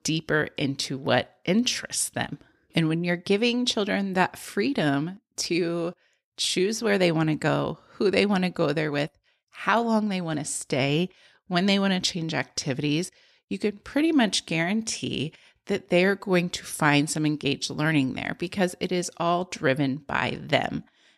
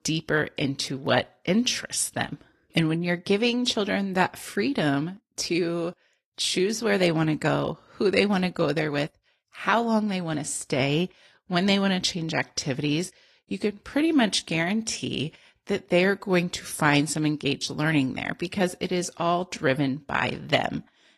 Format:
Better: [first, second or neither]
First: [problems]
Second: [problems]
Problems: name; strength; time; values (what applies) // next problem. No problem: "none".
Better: first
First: none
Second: garbled, watery; slightly